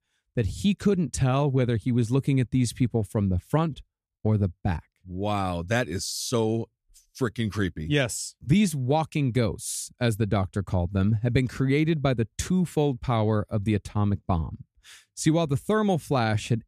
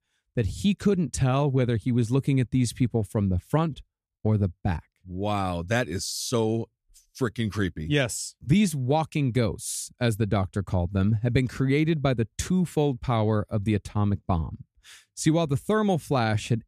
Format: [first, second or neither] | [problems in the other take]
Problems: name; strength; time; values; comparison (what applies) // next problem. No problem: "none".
neither | none